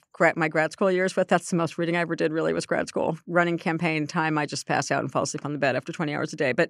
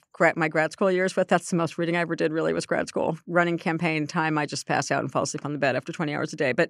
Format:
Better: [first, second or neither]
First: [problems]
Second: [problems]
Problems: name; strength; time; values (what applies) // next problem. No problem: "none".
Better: neither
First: none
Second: none